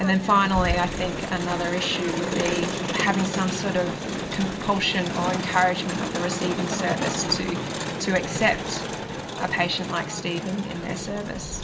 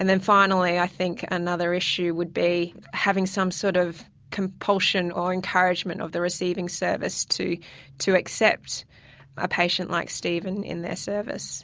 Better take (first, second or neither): second